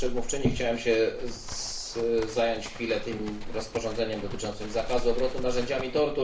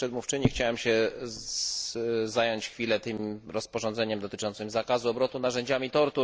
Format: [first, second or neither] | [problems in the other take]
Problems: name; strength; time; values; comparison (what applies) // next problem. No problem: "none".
second | background sound (Livestock, farm animals, working animals); 5 dB below the speech // room echo; dies away in 0.4 s